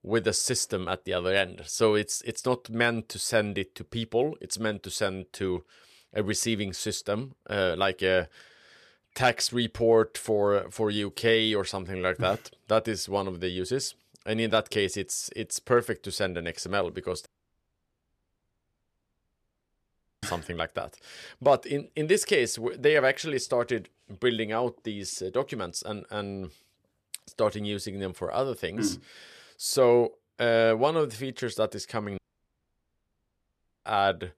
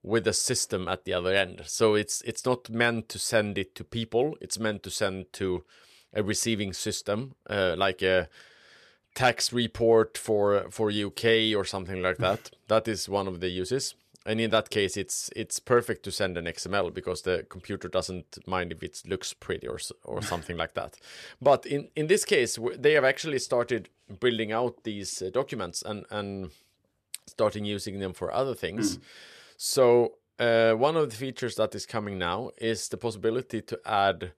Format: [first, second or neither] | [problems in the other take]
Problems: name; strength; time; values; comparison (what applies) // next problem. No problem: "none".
second | audio cutting out; at 17 s for 3 s and at 32 s for 1.5 s